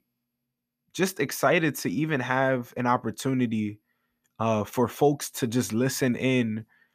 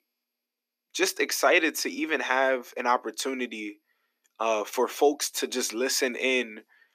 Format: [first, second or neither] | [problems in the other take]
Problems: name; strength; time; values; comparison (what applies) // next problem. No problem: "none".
first | thin; somewhat; fading below 300 Hz